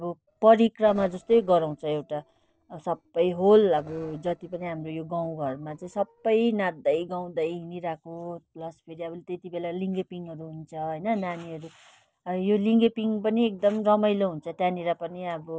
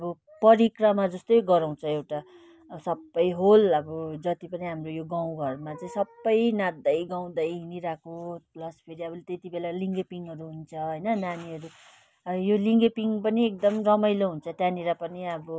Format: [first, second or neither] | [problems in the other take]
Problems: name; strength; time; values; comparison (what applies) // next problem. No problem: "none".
second | noise reduction (neural separator model SepFormer DNS4)